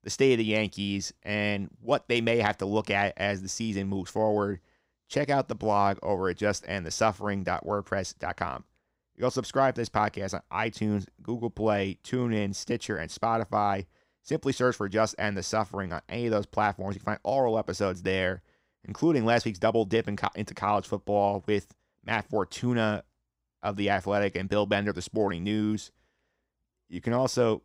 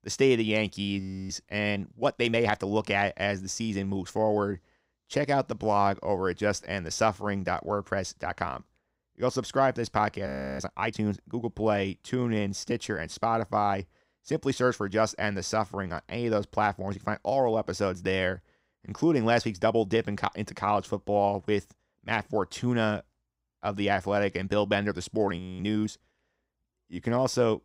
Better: first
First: none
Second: audio freezing; at 1 s, at 10 s and at 25 s

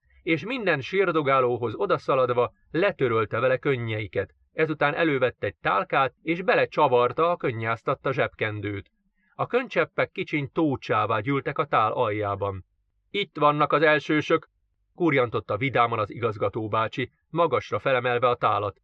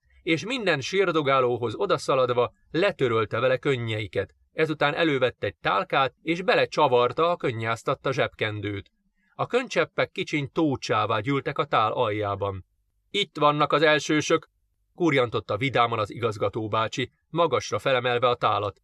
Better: second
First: muffled; slightly; fading above 2.5 kHz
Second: none

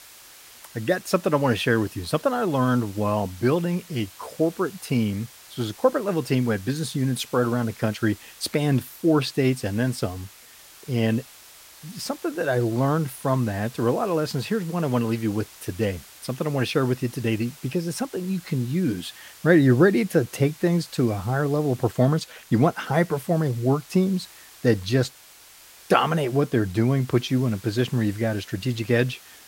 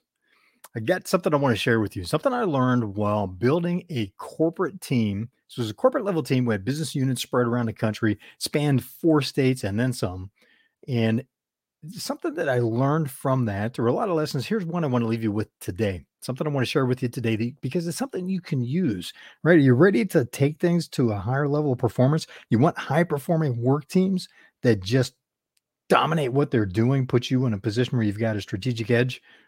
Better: second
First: hiss; faint; throughout; 20 dB below the speech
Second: none

